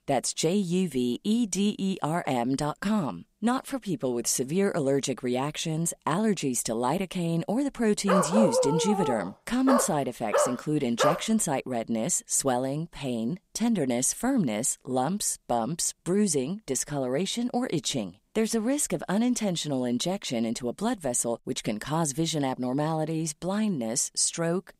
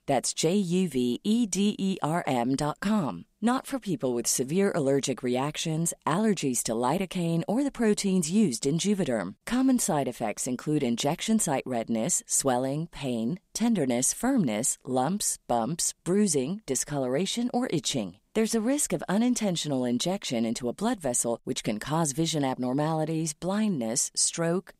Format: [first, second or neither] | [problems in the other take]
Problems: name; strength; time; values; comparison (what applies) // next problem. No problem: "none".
second | dog barking; loud; from 8 to 11 s; peak 3 dB above the speech